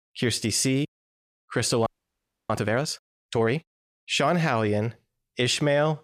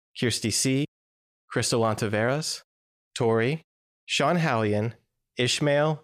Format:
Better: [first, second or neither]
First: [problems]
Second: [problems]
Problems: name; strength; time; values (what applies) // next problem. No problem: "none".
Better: second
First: audio freezing; at 2 s for 0.5 s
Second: none